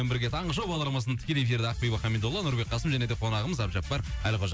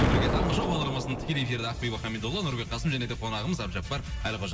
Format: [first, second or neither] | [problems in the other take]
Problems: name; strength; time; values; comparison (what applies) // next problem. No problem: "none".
first | background sound (Explosion); 2 dB below the speech // room echo; dies away in 1.8 s